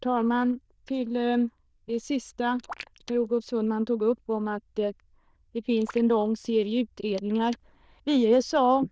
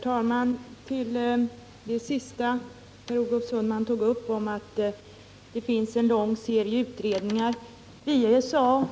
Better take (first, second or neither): second